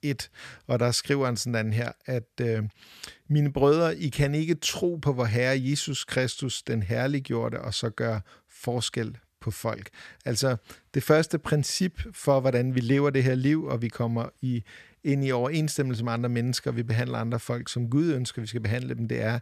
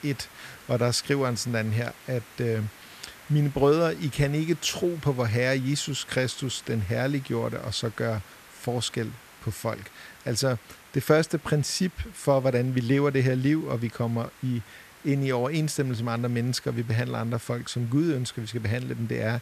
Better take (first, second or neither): first